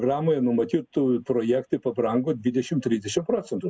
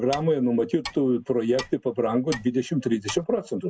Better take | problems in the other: first | background sound (Clock); 17 dB below the speech

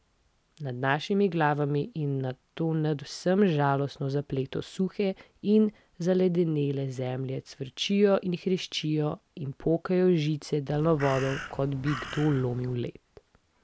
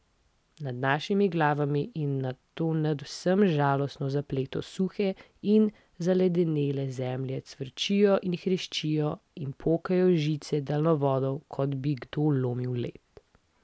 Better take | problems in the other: second | background sound (Crow); 12 dB below the speech

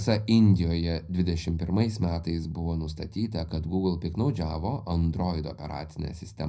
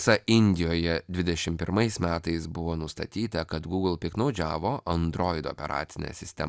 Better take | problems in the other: second | room echo; dies away in 0.4 s

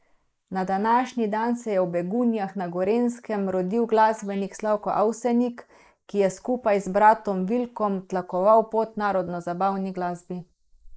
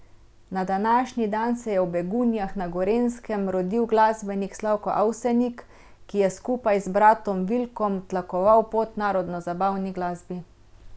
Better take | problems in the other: second | noise reduction (neural mask model Resemble Enhance denoiser)

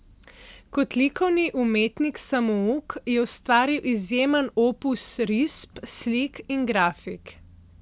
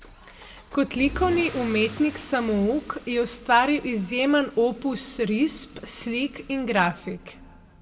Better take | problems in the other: first | background sound (Engine starting / Accelerating, revving, vroom / Car); 17 dB below the speech // room echo; dies away in 1.9 s

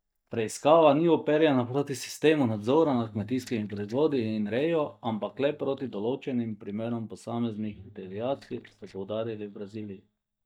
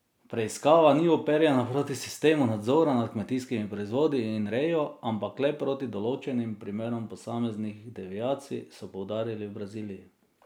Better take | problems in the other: second | noise reduction (neural mask model DeepFilterNet 3)

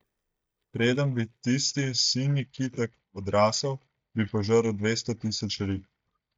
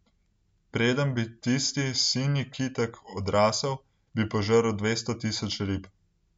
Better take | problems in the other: second | noise reduction (neural mask model DeepFilterNet 3)

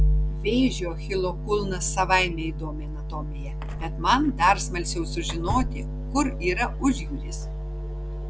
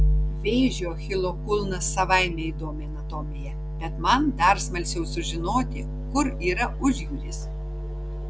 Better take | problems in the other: second | background sound (Door / Car); 13 dB below the speech

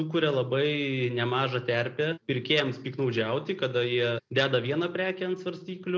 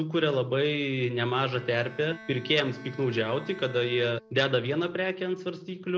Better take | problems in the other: first | background sound (Bowed string instrument); 20 dB below the speech

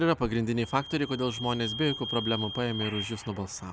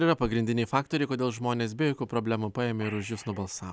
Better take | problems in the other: second | background sound (Squeak / Vehicle); 9 dB below the speech

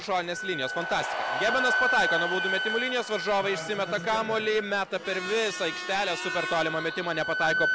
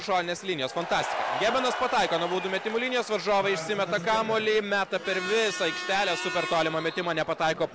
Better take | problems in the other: second | background sound (Wind instrument, woodwind instrument); 4 dB below the speech

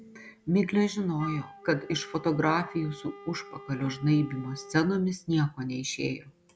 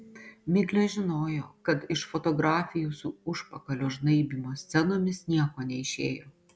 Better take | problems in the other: second | background sound (Wind instrument, woodwind instrument); 19 dB below the speech

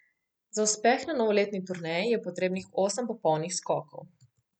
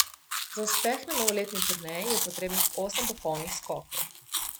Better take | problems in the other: first | background sound (Chewing, mastication); 2 dB above the speech

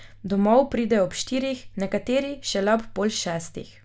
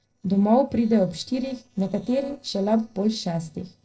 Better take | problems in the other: first | noise reduction (neural separator model SepFormer DNS4)

